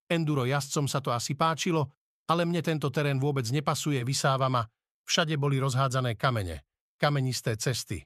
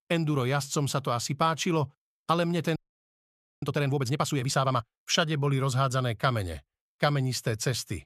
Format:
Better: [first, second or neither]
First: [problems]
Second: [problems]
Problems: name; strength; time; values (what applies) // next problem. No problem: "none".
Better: first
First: none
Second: audio freezing; at 3 s for 1 s